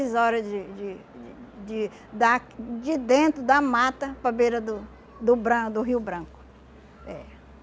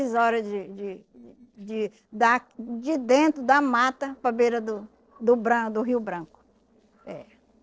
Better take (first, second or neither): first